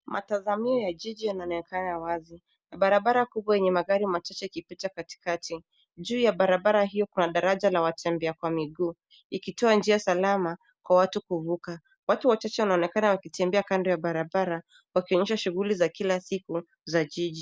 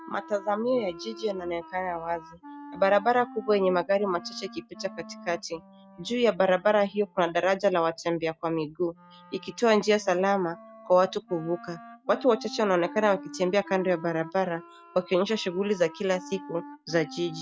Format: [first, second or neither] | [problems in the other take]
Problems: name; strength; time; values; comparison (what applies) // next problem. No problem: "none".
first | noise reduction (classical method log-MMSE)